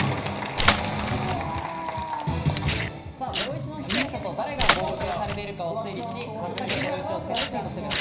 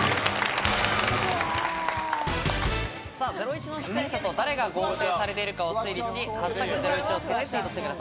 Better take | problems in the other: second | background sound (Tearing); 3 dB below the speech // room echo; dies away in 0.5 s

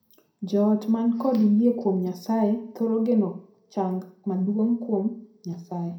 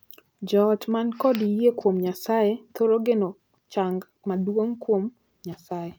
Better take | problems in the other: second | room echo; dies away in 0.4 s

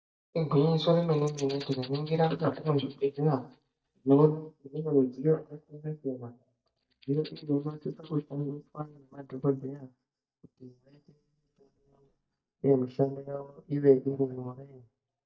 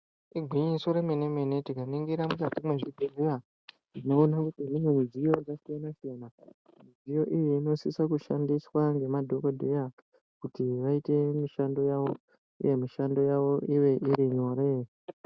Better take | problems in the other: second | noise reduction (neural mask model DeepFilterNet 3)

